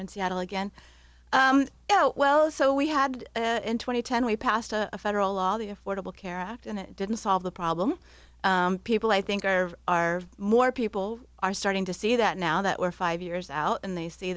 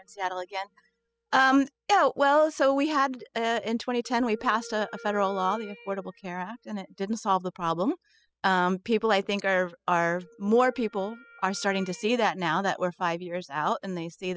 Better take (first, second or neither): first